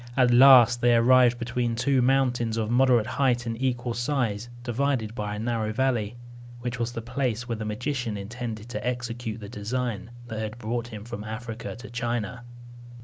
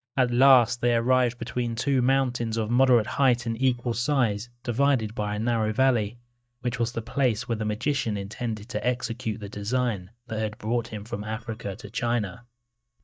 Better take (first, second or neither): first